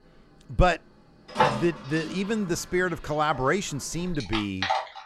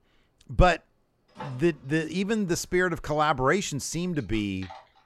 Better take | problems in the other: second | household noises; loud; throughout; 2 dB below the speech; faint in the second

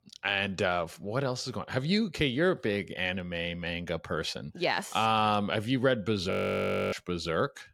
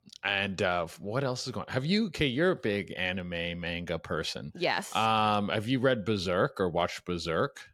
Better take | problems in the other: second | audio freezing; at 6.5 s for 0.5 s

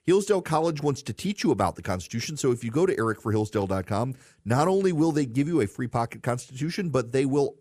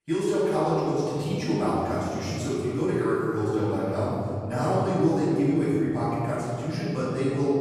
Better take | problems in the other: first | off-mic speech; far // room echo; strong; dies away in 2.6 s

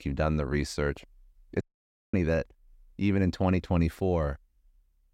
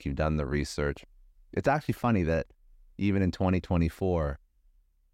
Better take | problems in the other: second | audio cutting out; at 1.5 s for 0.5 s

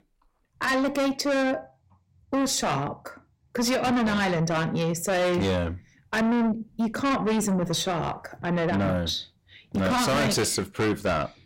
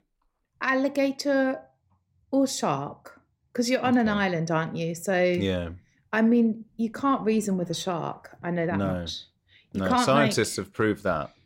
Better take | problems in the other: second | distortion; heavy; 6 dB below the speech

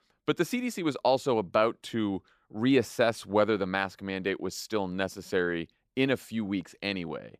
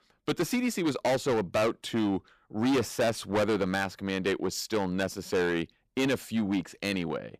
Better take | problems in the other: first | distortion; heavy; 12% of the sound clipped

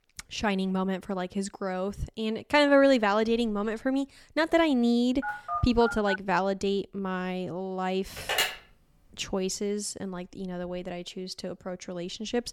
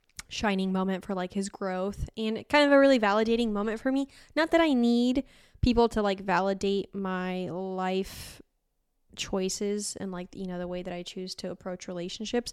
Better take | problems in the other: second | phone ringing; noticeable; at 5 s; peak 5 dB below the speech // phone ringing; loud; at 8 s; peak 1 dB above the speech

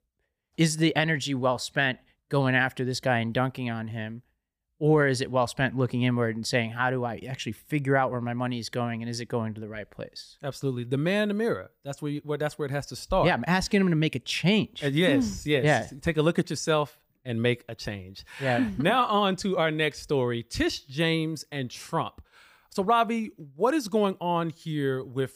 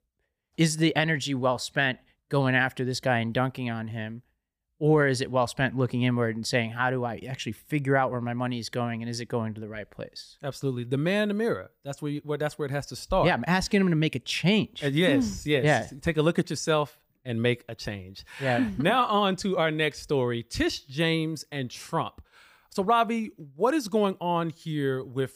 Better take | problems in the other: neither | none

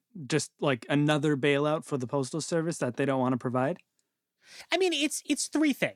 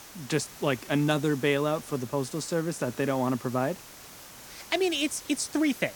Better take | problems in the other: first | hiss; noticeable; throughout; 15 dB below the speech

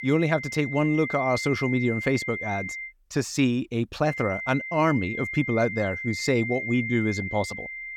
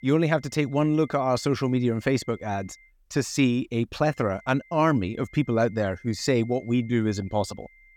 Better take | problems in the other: second | high-pitched whine; loud; until 3 s and from 4 s on; 2 kHz, 6 dB below the speech; faint in the second

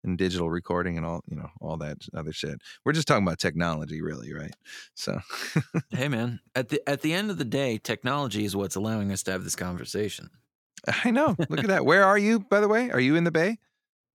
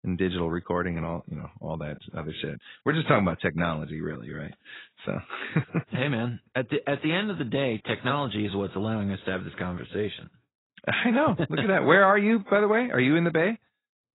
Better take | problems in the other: first | garbled, watery; badly; nothing above 4 kHz

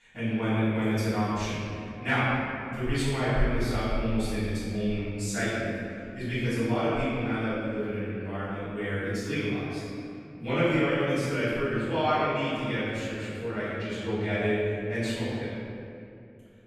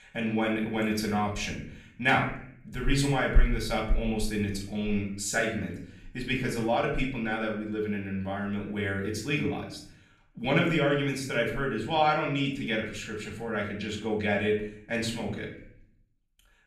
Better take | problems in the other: second | room echo; strong; dies away in 2.3 s; slight in the second // off-mic speech; far; far in the second

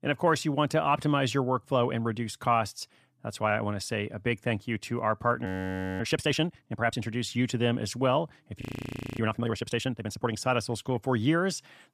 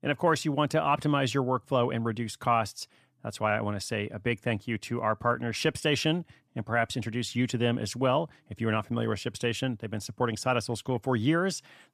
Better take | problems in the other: second | audio freezing; at 5.5 s for 0.5 s and at 8.5 s for 0.5 s

